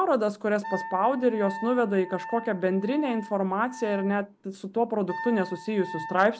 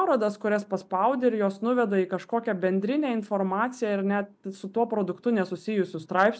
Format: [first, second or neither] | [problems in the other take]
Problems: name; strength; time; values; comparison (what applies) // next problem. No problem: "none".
second | background sound (Wind instrument, woodwind instrument); 14 dB below the speech